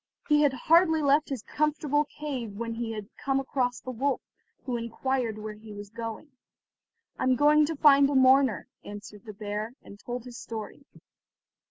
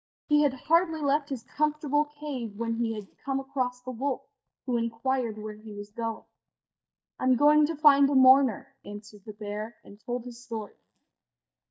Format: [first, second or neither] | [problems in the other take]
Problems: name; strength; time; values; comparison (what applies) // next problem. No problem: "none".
first | noise reduction (neural mask model DeepFilterNet 3)